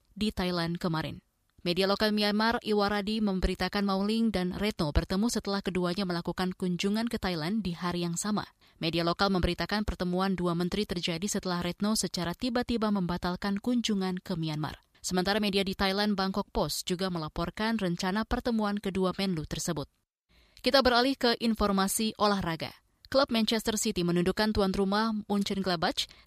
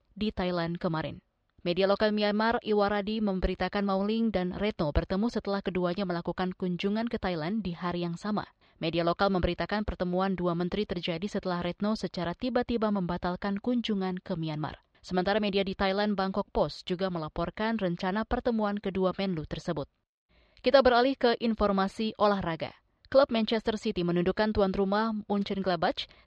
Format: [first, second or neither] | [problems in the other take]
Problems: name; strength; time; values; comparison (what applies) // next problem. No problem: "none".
first | muffled; slightly; fading above 3.5 kHz